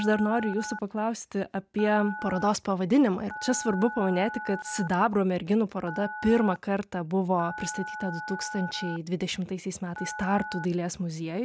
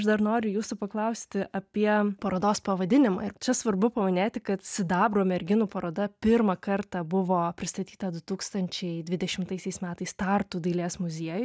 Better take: second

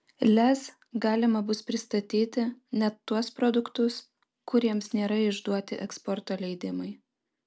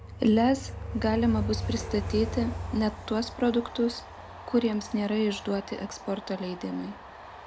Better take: first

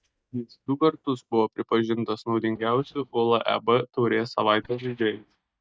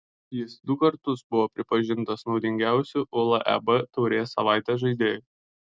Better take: second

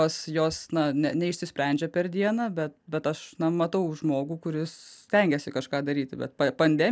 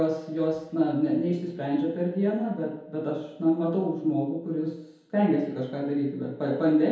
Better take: first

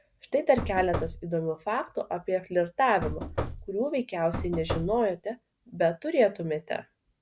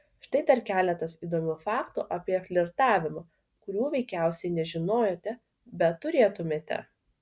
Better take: second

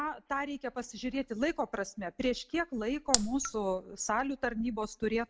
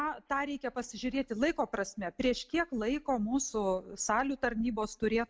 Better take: second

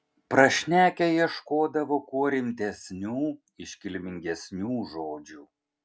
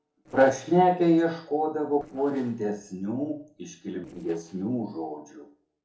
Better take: first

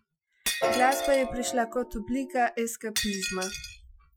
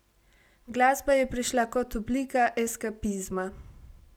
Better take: second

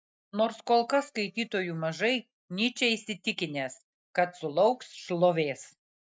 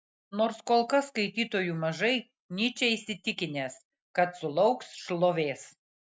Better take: second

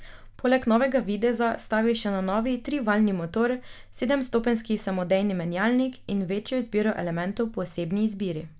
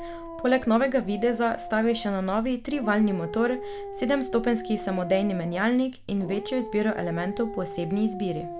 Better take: first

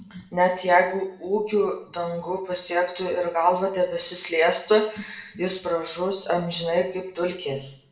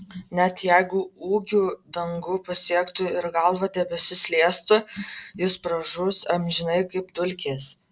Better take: second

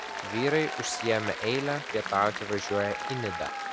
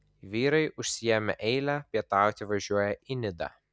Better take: second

